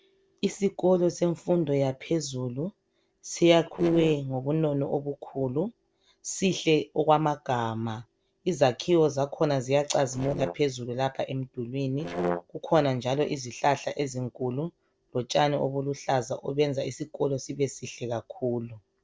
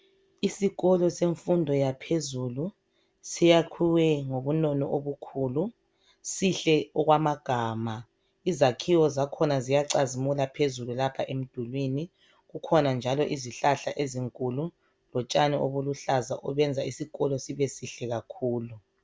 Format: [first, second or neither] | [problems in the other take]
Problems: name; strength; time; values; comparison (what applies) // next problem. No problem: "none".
second | noise reduction (neural separator model SepFormer DNS4)